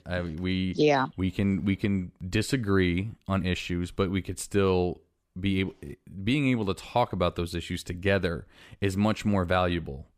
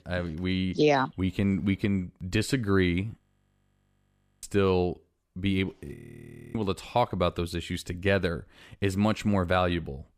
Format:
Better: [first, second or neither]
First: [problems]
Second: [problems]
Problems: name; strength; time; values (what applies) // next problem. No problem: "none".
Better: first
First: none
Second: audio freezing; at 3 s for 1 s and at 6 s for 0.5 s